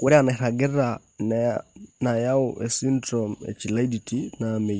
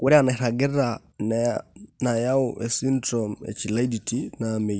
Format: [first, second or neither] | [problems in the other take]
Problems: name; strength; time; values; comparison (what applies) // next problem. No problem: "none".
second | noise reduction (neural mask model RNNoise)